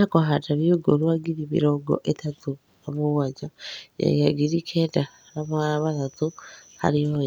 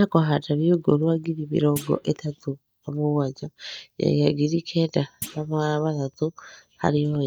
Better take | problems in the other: first | noise reduction (neural mask model DeepFilterNet 3)

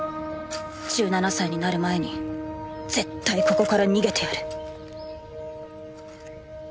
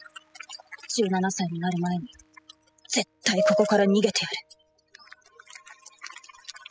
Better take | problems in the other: first | noise reduction (classical method spectral subtraction)

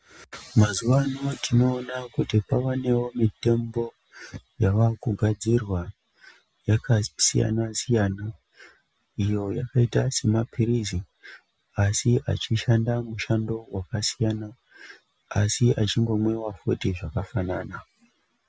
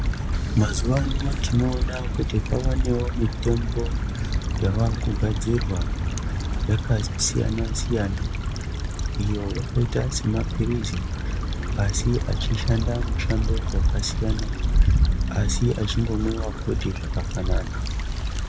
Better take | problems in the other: first | background sound (Stream / Trickle, dribble / Traffic noise, roadway noise); 2 dB above the speech

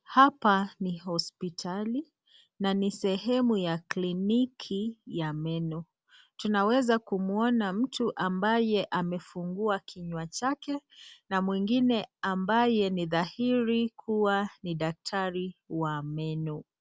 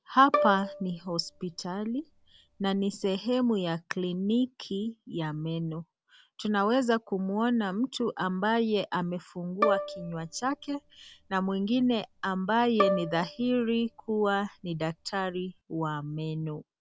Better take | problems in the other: first | background sound (Bowed string instrument); 6 dB below the speech

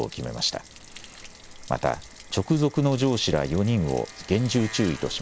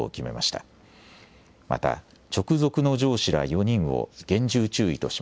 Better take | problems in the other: second | background sound (Engine + Stream / Trickle, dribble / Splash, splatter); 17 dB below the speech

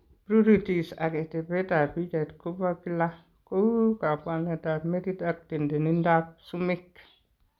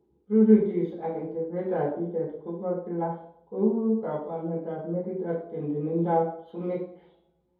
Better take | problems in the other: first | room echo; dies away in 0.7 s

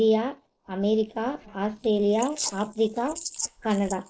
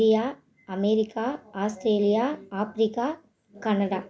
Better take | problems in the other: second | noise reduction (neural mask model Resemble Enhance denoiser)

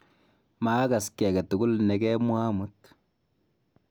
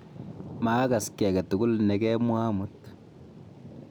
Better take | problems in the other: first | background sound (Thunder / Rain); 17 dB below the speech

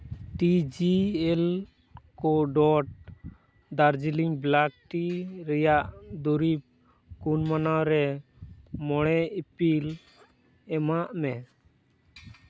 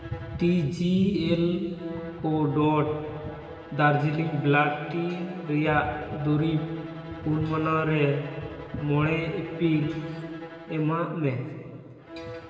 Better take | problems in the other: first | background sound (Bowed string instrument); 17 dB below the speech // room echo; dies away in 2.6 s

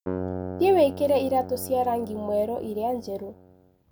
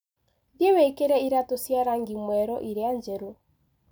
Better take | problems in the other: second | background sound (Keyboard (musical)); 11 dB below the speech

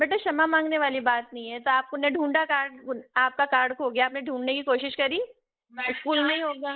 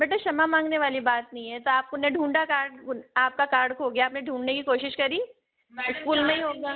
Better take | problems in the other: second | noise reduction (neural mask model Resemble Enhance denoiser)

